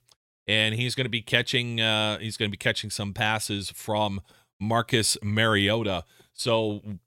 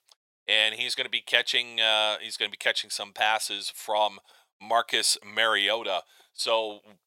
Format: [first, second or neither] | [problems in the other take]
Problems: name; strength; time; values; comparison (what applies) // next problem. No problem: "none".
first | thin; very; fading below 700 Hz